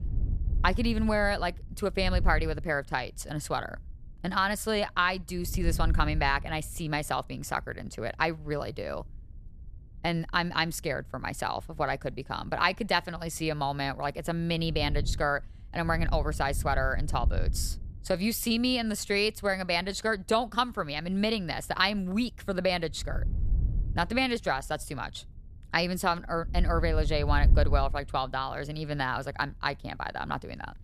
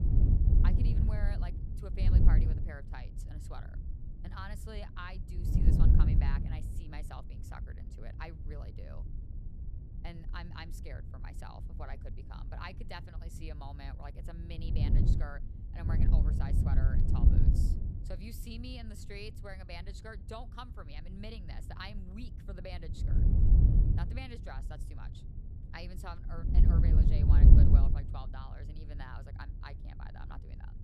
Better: first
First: wind noise on the microphone; occasional gusts; 20 dB below the speech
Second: wind noise on the microphone; heavy; 4 dB above the speech

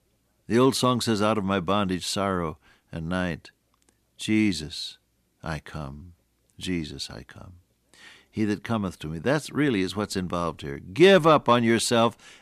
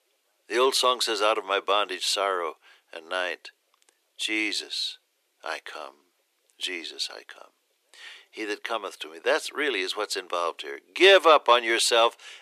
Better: first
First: none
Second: thin; very; fading below 400 Hz

